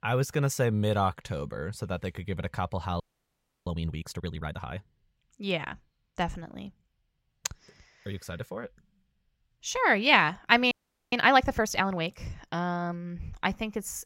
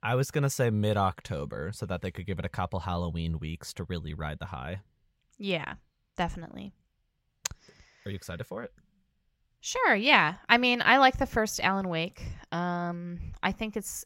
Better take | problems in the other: second | audio freezing; at 3 s for 0.5 s and at 11 s

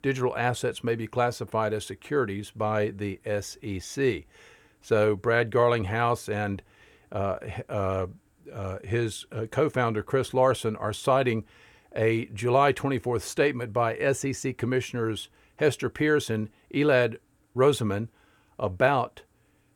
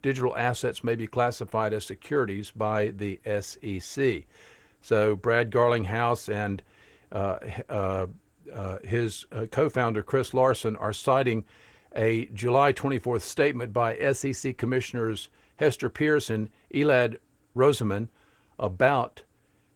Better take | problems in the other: first | garbled, watery; slightly; nothing above 17.5 kHz

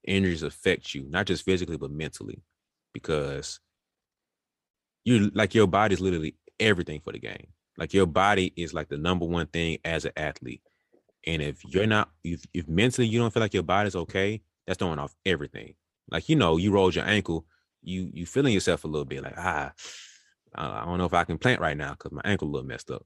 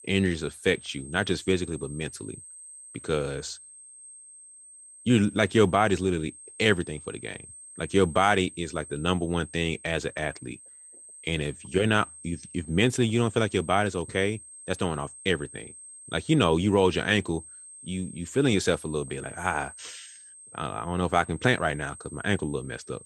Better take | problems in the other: first | high-pitched whine; noticeable; throughout; 8.5 kHz, 15 dB below the speech

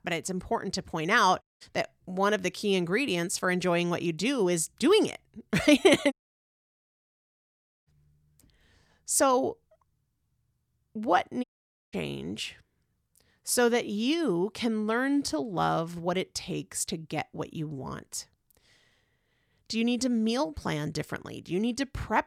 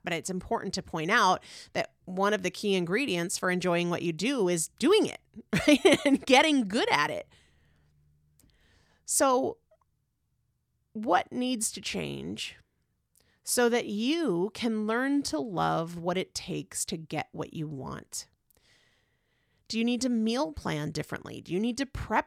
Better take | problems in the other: second | audio cutting out; at 1.5 s, at 6 s for 1.5 s and at 11 s

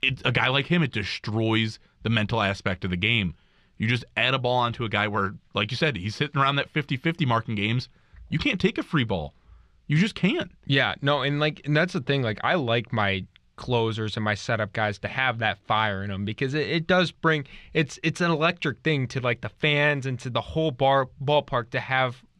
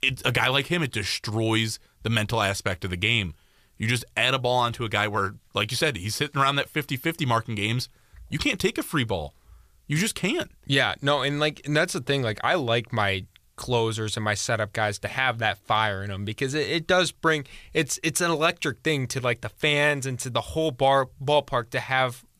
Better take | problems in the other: second | muffled; very slightly; fading above 3 kHz

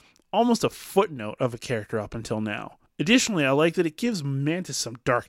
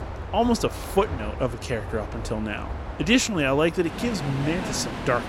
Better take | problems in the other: first | train or aircraft noise; loud; throughout; 8 dB below the speech

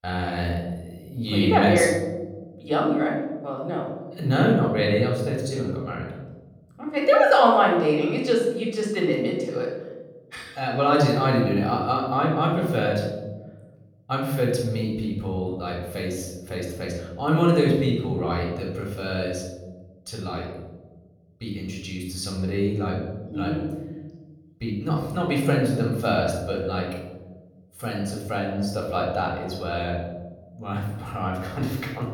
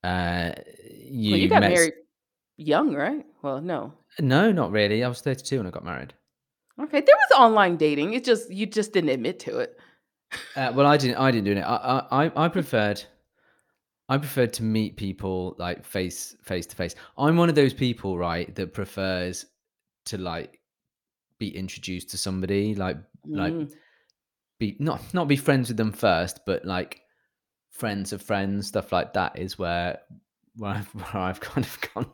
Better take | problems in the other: second | off-mic speech; somewhat distant // room echo; noticeable; dies away in 1.4 s

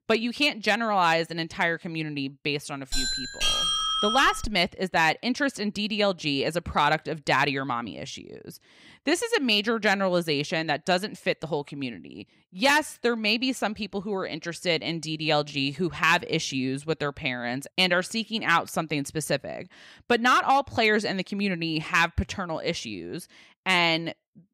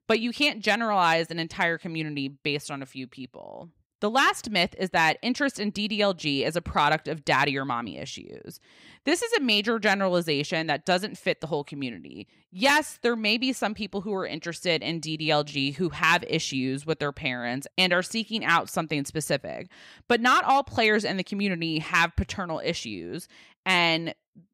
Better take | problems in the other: second | doorbell; loud; from 3 to 4.5 s; peak 3 dB above the speech

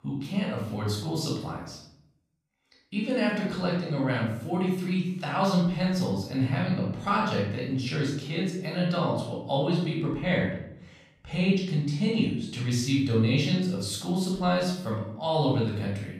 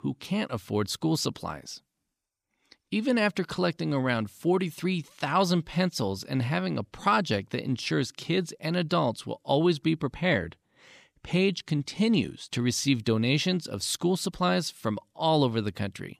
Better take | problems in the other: second | off-mic speech; far // room echo; noticeable; dies away in 0.7 s

